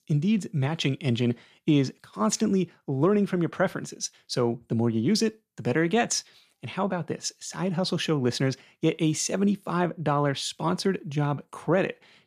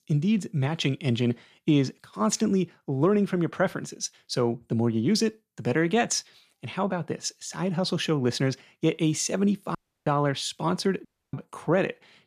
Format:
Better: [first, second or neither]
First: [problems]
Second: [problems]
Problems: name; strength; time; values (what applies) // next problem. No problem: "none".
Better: first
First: none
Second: audio cutting out; at 10 s and at 11 s